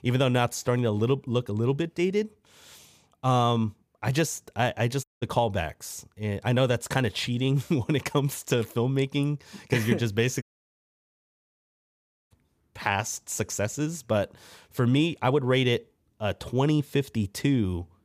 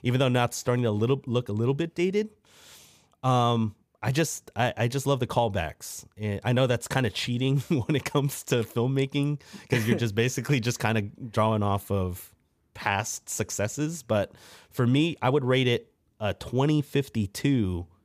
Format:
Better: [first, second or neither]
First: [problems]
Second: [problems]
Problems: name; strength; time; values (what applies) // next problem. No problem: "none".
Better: second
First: audio cutting out; at 5 s and at 10 s for 2 s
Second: none